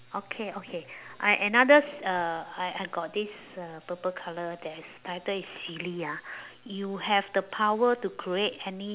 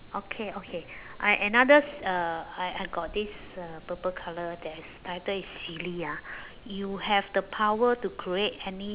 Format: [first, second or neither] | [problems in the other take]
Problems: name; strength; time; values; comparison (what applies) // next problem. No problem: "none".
first | background sound (Insect); 18 dB below the speech